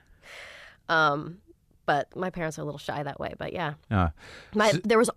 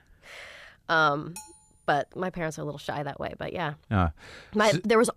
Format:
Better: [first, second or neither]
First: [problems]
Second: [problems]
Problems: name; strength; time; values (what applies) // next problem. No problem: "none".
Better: first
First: none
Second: clattering dishes; faint; at 1.5 s; peak 15 dB below the speech